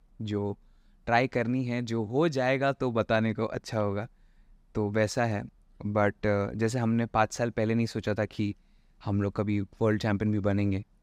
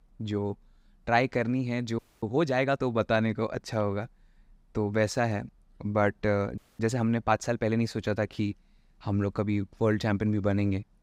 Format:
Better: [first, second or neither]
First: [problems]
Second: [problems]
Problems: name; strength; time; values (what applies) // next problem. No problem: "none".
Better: first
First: none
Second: audio freezing; at 2 s and at 6.5 s